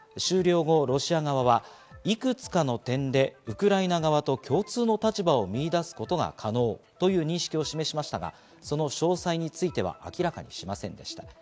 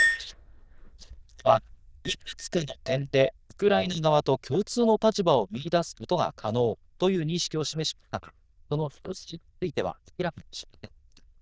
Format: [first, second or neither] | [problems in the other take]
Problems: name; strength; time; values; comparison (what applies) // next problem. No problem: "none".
first | noise reduction (neural diffusion model UNIVERSE++)